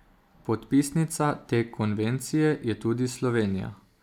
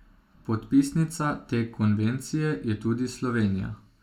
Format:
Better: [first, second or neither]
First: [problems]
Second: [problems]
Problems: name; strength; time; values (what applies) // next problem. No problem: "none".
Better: first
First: none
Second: room echo; dies away in 0.2 s